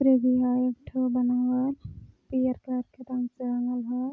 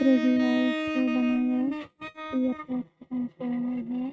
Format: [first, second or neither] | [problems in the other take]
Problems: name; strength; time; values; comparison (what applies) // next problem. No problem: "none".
first | noise reduction (neural mask model RNNoise)